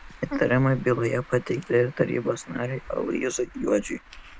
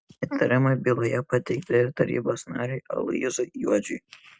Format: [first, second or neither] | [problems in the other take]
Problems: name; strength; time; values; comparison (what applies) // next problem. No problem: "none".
second | background sound (Traffic noise, roadway noise); 20 dB below the speech